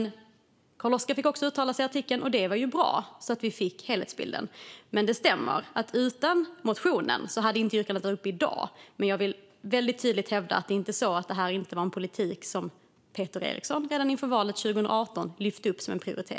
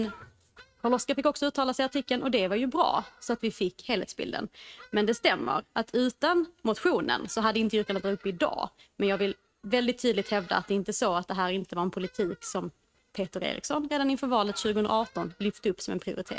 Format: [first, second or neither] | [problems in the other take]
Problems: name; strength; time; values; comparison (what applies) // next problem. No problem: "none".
first | noise reduction (neural mask model RNNoise)